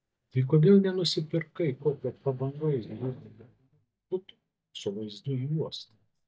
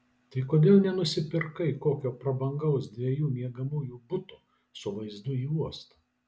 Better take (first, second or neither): second